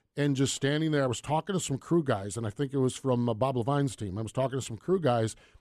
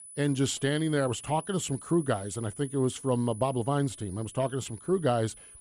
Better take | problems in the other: first | high-pitched whine; noticeable; throughout; 10 kHz, 15 dB below the speech

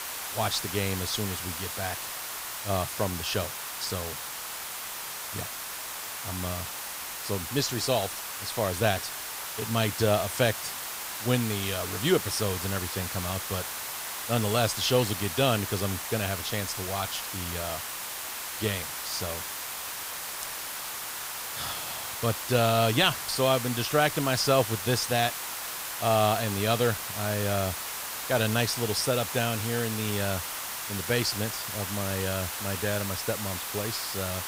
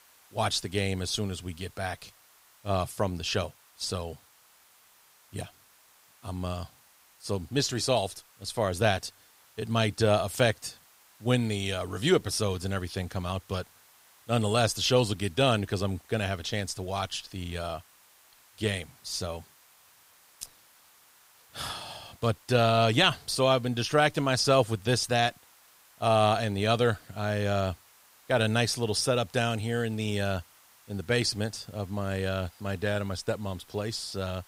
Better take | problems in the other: second | hiss; loud; throughout; 4 dB below the speech; faint in the second

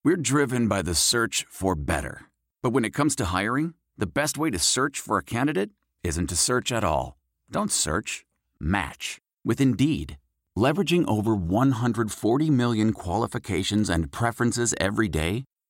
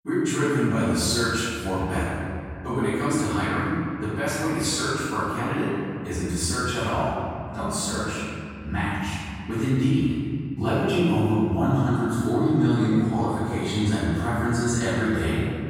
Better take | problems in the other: first | off-mic speech; far // room echo; strong; dies away in 2.4 s

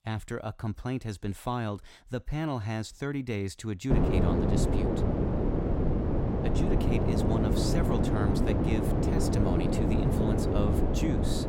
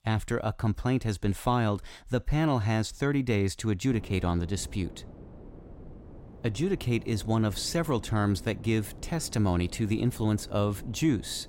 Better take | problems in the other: second | wind noise on the microphone; heavy; from 4 s on; 4 dB above the speech; occasional gusts in the second

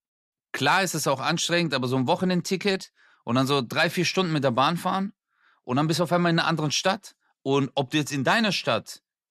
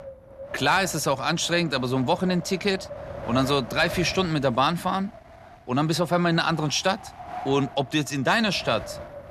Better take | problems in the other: first | wind noise on the microphone; occasional gusts; 15 dB below the speech

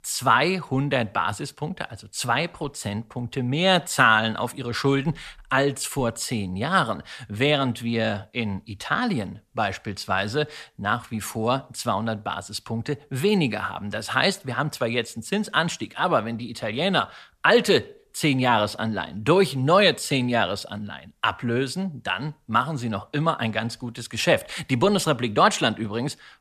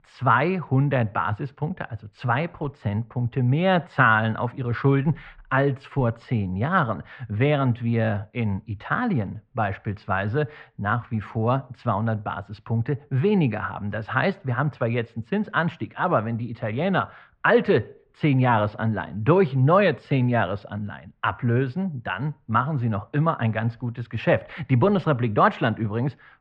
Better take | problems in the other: first | muffled; very; fading above 2 kHz

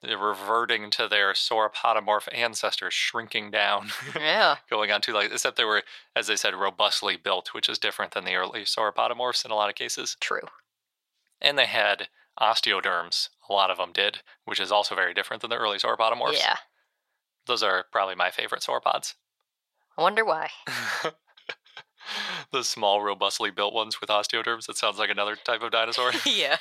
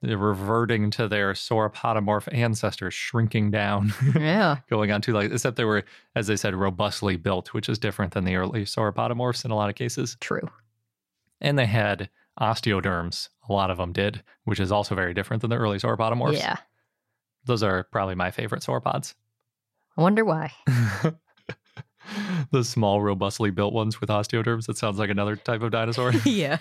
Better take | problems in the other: second | thin; very; fading below 700 Hz

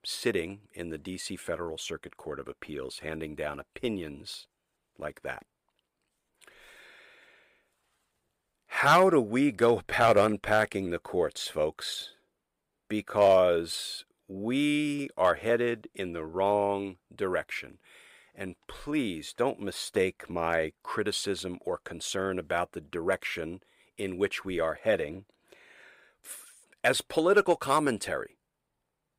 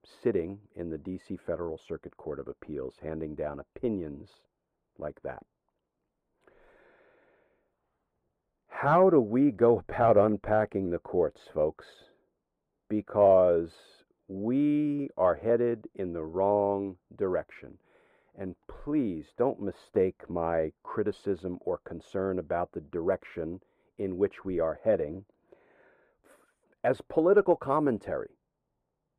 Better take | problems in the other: first | muffled; very; fading above 2 kHz

